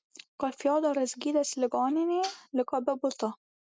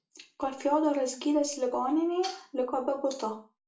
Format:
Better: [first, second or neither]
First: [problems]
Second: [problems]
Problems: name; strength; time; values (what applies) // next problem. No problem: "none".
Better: first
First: none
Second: room echo; dies away in 0.3 s